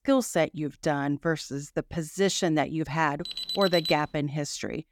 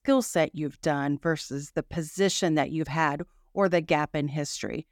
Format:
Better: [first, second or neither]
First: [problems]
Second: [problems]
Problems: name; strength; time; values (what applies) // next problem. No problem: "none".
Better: second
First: alarm; noticeable; at 3.5 s; peak 2 dB below the speech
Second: none